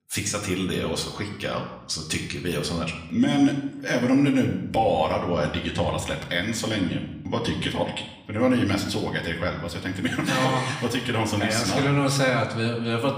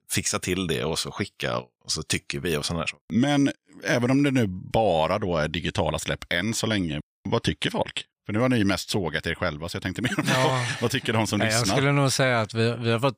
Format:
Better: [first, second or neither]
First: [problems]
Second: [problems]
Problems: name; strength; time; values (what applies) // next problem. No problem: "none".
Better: second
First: room echo; slight; dies away in 0.7 s // off-mic speech; somewhat distant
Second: none